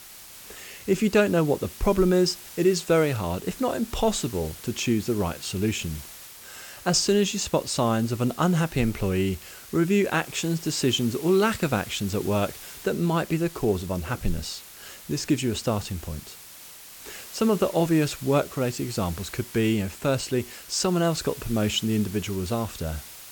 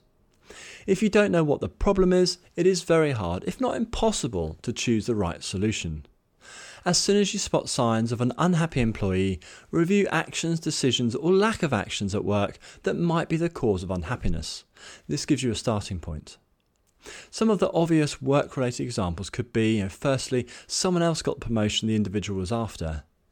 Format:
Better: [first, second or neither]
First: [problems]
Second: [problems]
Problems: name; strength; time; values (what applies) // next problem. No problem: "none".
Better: second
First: hiss; noticeable; throughout; 15 dB below the speech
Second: none